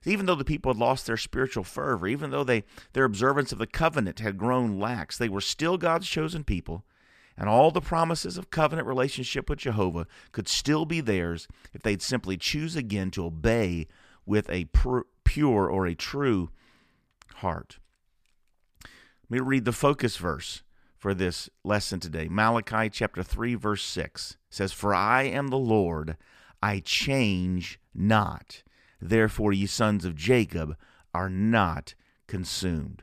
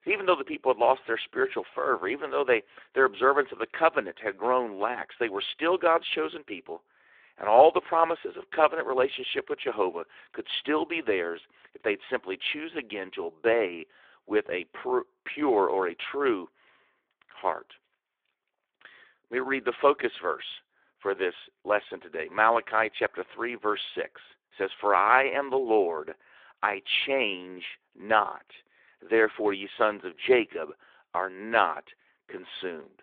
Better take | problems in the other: first | phone-call audio; nothing above 3.5 kHz

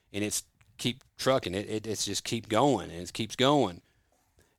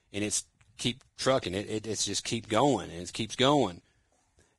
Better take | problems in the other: first | garbled, watery; badly; nothing above 10.5 kHz

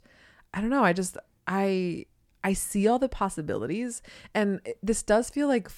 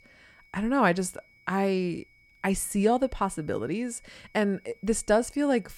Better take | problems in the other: first | high-pitched whine; faint; throughout; 2 kHz, 30 dB below the speech

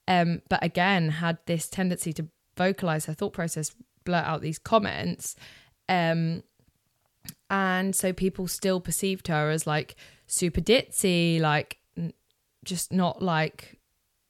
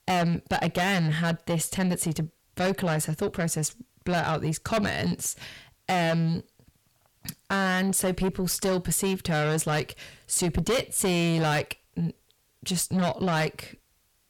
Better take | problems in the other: first | distortion; heavy; 7 dB below the speech

